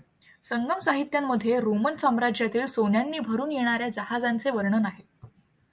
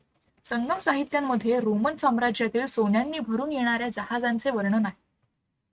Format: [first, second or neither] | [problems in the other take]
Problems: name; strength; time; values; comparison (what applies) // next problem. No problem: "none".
first | noise reduction (neural mask model RNNoise)